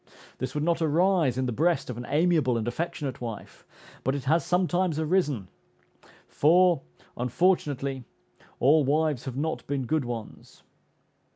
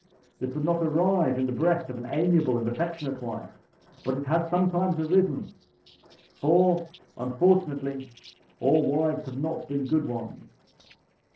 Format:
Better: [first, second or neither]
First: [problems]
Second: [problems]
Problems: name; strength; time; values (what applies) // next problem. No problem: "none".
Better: first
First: none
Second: noise reduction (neural separator model SepFormer DNS4)